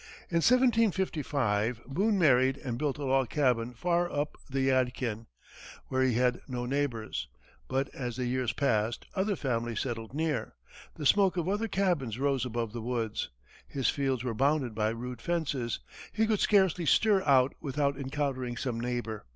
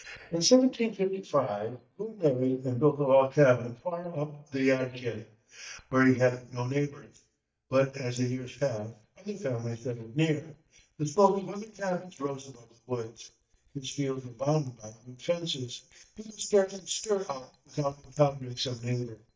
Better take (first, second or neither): first